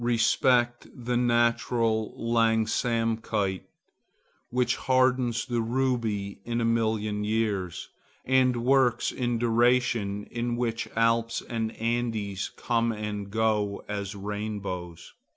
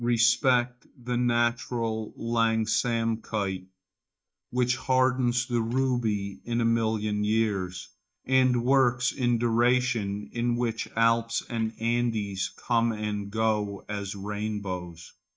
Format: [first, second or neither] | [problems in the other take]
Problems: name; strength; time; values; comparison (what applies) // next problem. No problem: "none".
first | noise reduction (neural mask model DeepFilterNet 3)